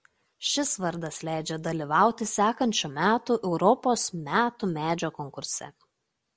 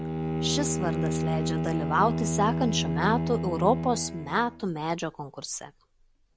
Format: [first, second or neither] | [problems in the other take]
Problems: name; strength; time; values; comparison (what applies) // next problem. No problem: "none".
first | background sound (Bowed string instrument); 1 dB below the speech